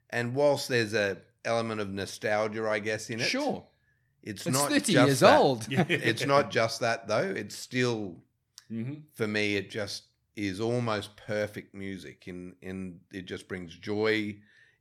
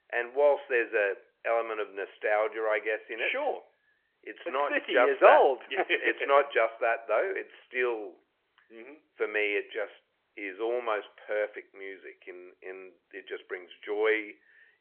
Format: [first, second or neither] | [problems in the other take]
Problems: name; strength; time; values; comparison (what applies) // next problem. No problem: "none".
first | phone-call audio